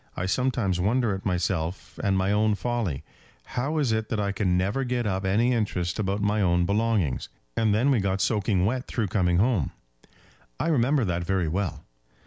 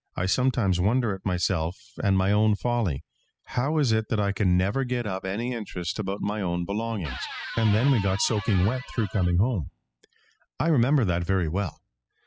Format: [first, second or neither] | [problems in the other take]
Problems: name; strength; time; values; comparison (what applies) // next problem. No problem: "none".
first | noise reduction (classical method spectral subtraction)